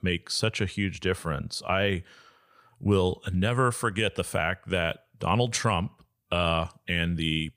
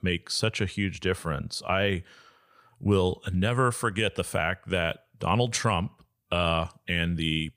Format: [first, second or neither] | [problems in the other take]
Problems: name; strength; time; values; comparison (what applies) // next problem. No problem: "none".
neither | none